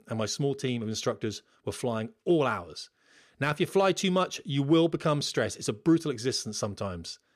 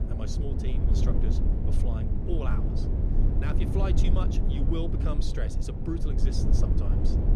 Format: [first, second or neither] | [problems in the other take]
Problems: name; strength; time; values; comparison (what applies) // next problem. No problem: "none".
first | low rumble; loud; throughout; as loud as the speech